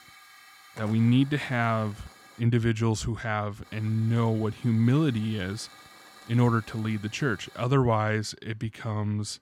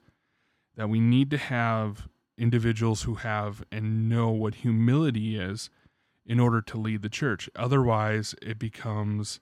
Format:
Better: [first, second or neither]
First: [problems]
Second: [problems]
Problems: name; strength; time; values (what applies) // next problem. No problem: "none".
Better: second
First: hiss; faint; until 2.5 s and from 3.5 to 7.5 s; 25 dB below the speech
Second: none